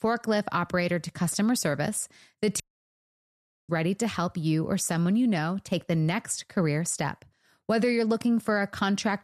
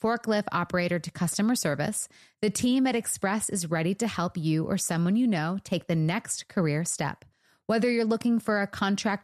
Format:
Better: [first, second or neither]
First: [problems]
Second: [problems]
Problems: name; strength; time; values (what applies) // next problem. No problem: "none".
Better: second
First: audio cutting out; at 2.5 s for 1 s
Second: none